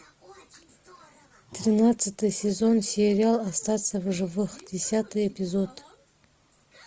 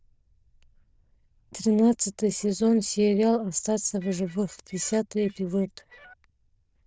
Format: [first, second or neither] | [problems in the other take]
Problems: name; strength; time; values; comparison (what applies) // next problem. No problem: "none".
first | noise reduction (neural diffusion model UNIVERSE++)